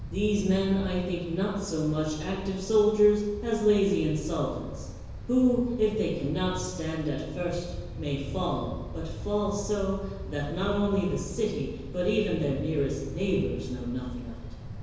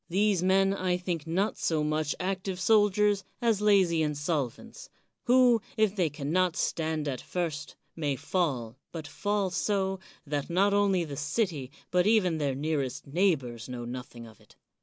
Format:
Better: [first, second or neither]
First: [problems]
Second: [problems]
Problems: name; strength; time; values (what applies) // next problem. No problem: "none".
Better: second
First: background sound (Wind); 10 dB below the speech // room echo; dies away in 1.2 s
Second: none